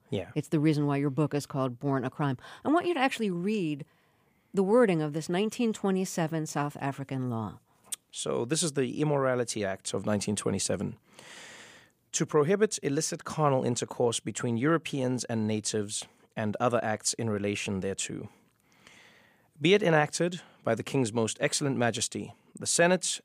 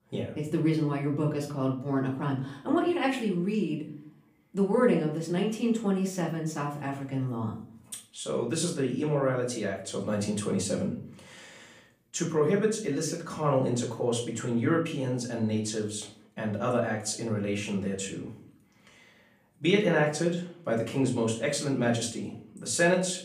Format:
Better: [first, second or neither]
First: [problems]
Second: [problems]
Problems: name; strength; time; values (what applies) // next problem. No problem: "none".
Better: first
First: none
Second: off-mic speech; far // room echo; slight; dies away in 0.4 s